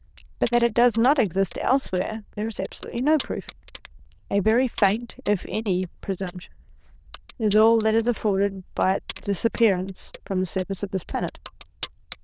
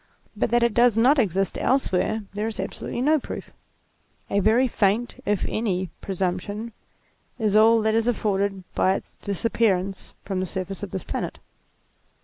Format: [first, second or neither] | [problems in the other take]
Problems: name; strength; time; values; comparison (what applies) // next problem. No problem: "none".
second | noise reduction (neural diffusion model UNIVERSE++)